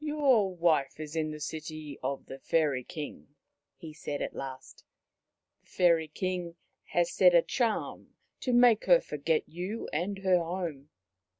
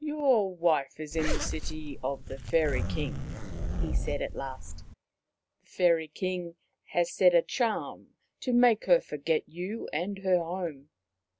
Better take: first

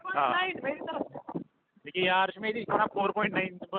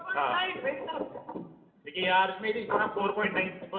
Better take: first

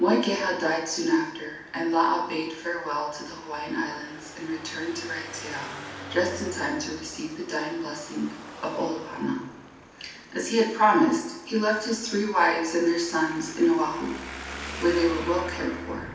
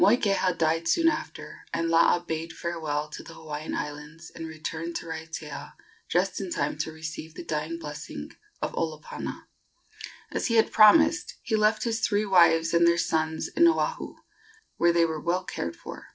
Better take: second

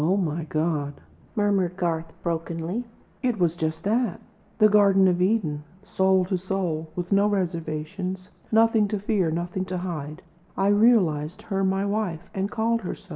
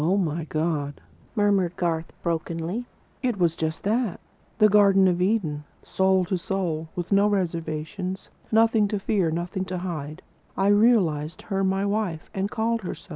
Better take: second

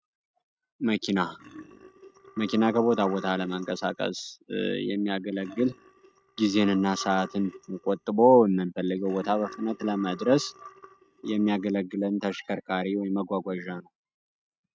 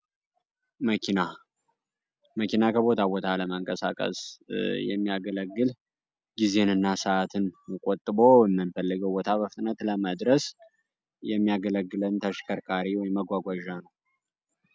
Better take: second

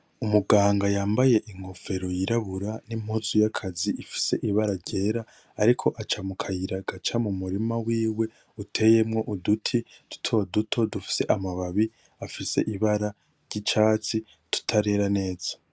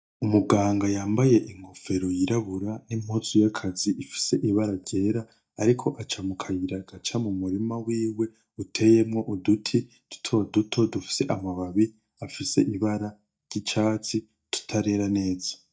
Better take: first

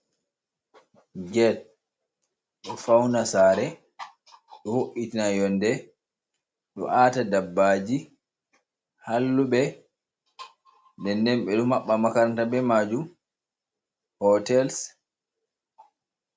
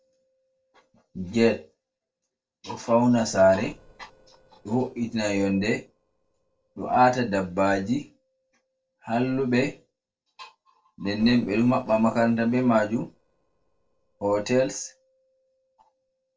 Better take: first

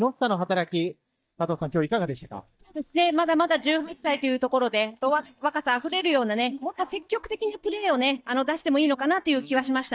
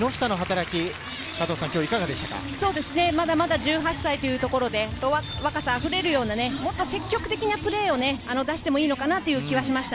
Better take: second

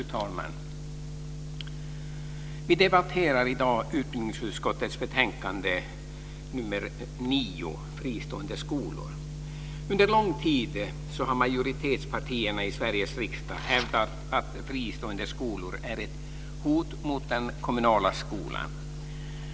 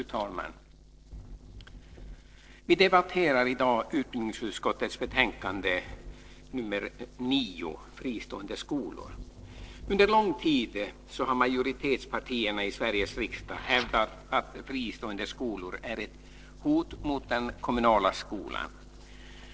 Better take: first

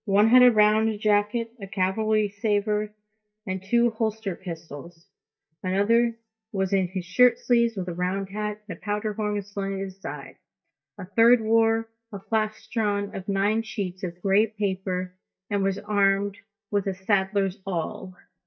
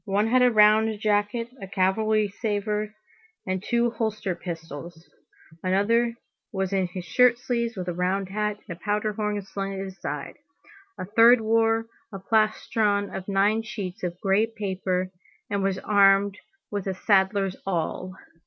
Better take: second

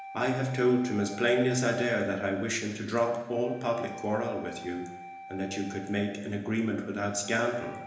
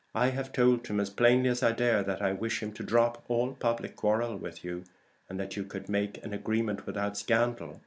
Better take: second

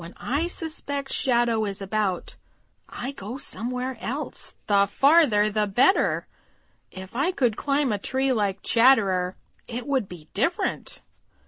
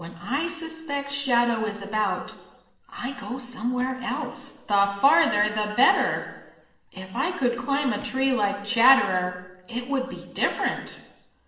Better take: first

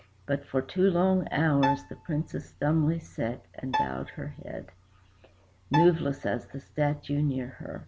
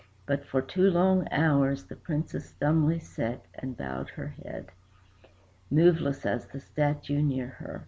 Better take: second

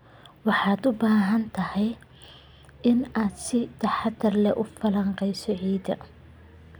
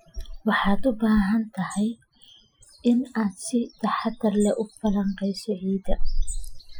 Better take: first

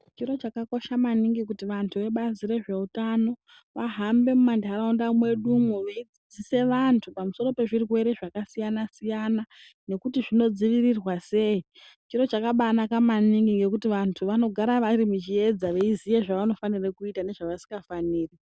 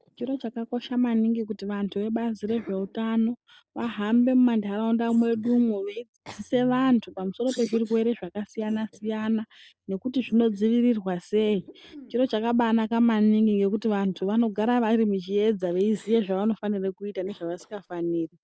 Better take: first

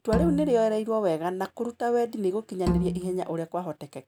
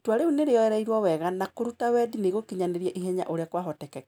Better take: second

